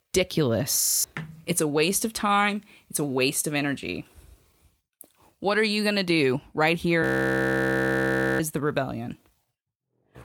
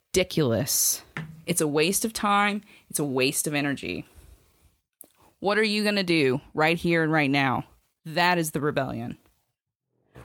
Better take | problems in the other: second | audio freezing; at 1 s and at 7 s for 1.5 s

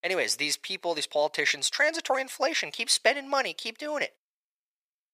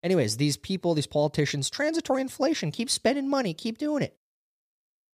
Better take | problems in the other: second | thin; very; fading below 750 Hz

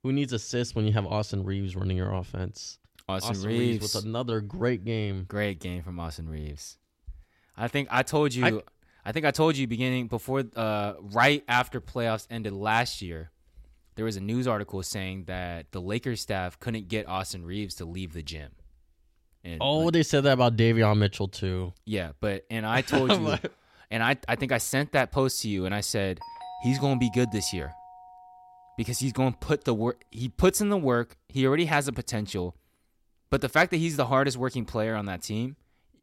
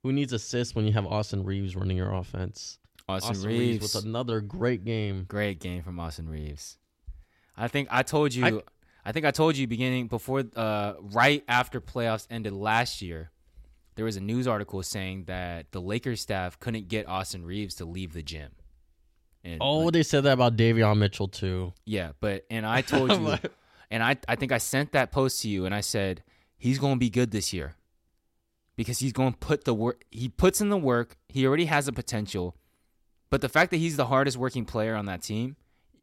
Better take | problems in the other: second | doorbell; faint; from 26 to 29 s; peak 15 dB below the speech

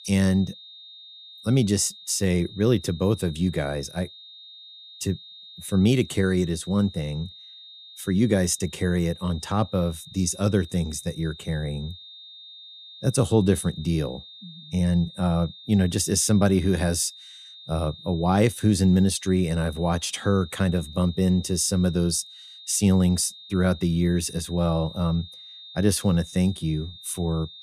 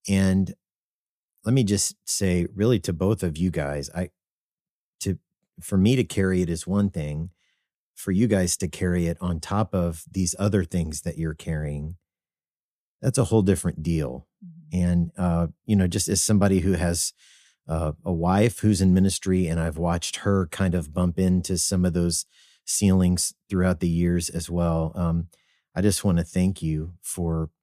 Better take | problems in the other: second | high-pitched whine; noticeable; throughout; 3.5 kHz, 20 dB below the speech

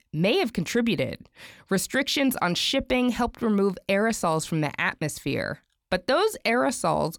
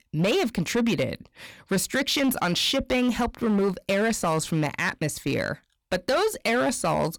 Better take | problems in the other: first | distortion; slight; 10% of the sound clipped

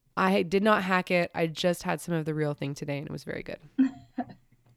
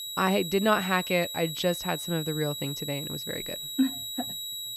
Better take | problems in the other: first | high-pitched whine; loud; throughout; 4 kHz, 5 dB below the speech

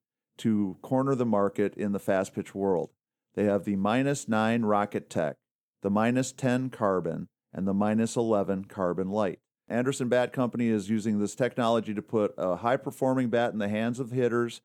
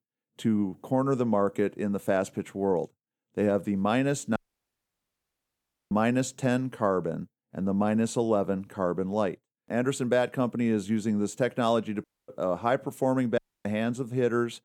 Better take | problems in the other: first | audio cutting out; at 4.5 s for 1.5 s, at 12 s and at 13 s

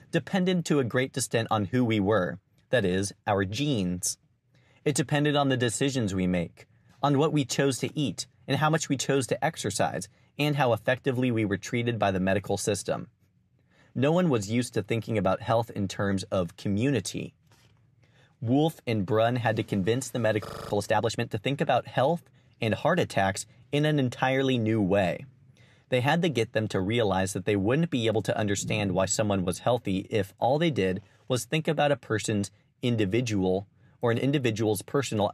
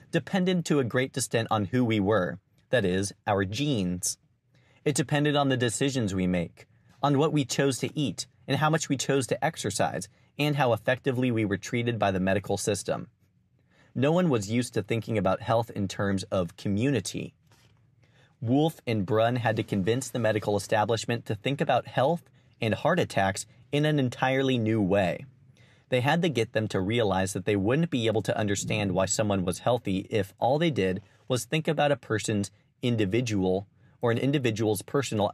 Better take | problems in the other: second | audio freezing; at 20 s

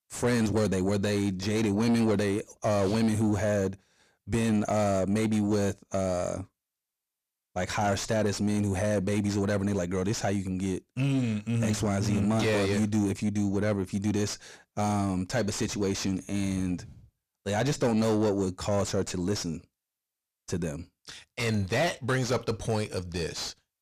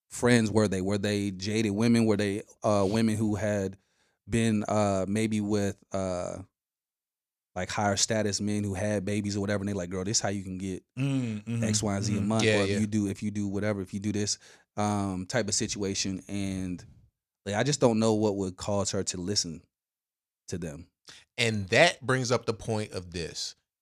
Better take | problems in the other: second | distortion; heavy; 7 dB below the speech

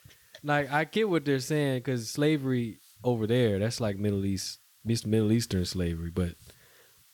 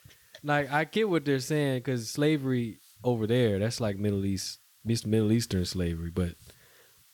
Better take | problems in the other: neither | hiss; faint; throughout; 30 dB below the speech; the same in both

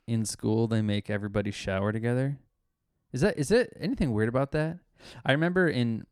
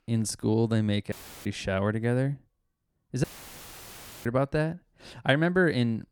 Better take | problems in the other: first | audio cutting out; filled with static; at 1 s and at 3 s for 1 s

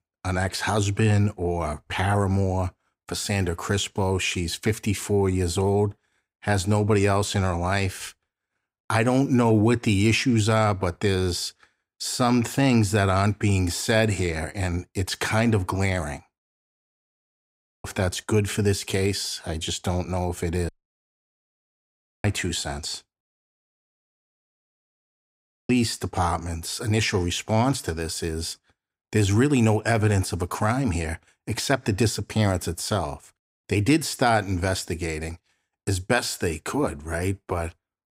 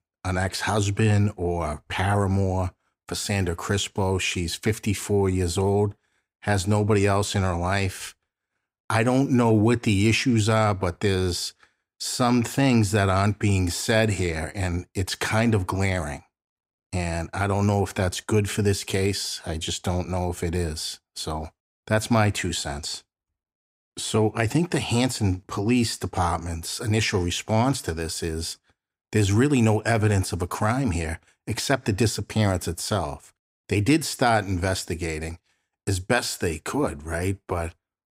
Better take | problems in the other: second | audio cutting out; at 16 s for 1.5 s, at 21 s for 1.5 s and at 23 s for 2.5 s

